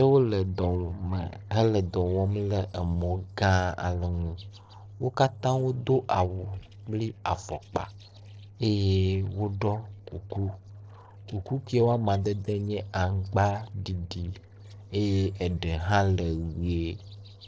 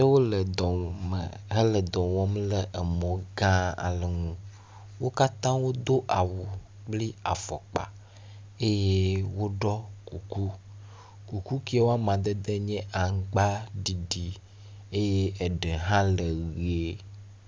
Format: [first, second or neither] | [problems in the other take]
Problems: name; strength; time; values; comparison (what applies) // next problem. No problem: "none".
second | noise reduction (neural separator model SepFormer DNS4)